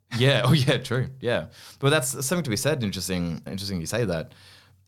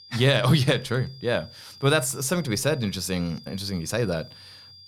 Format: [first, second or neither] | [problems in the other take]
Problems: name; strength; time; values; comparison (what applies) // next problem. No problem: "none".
first | high-pitched whine; faint; throughout; 5 kHz, 20 dB below the speech